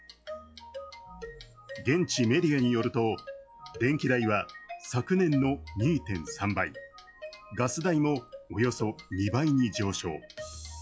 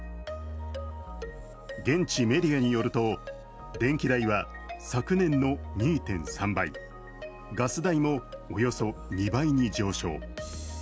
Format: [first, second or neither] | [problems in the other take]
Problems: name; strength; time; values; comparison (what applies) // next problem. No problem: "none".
second | noise reduction (classical method log-MMSE)